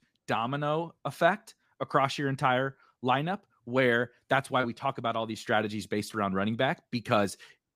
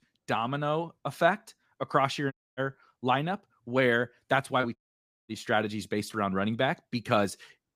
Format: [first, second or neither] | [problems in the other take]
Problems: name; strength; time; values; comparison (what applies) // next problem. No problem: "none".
first | audio cutting out; at 2.5 s and at 5 s for 0.5 s